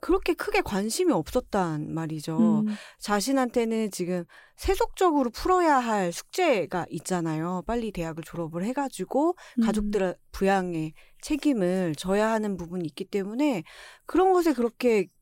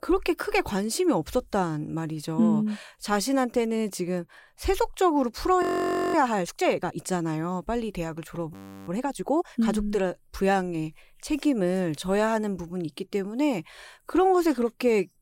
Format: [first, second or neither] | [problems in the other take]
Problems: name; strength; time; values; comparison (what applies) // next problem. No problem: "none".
first | audio freezing; at 5.5 s for 0.5 s and at 8.5 s